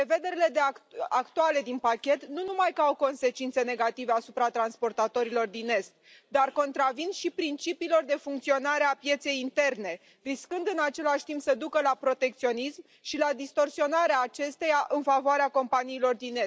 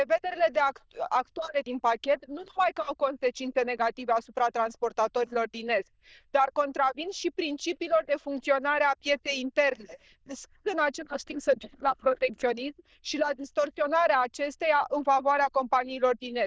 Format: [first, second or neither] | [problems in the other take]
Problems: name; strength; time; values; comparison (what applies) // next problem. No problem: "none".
first | noise reduction (neural diffusion model UNIVERSE++)